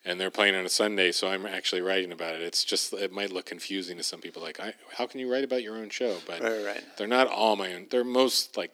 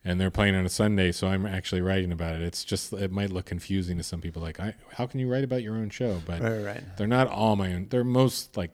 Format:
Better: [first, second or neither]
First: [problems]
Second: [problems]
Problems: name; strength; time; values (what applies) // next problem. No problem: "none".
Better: second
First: thin; somewhat; fading below 300 Hz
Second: none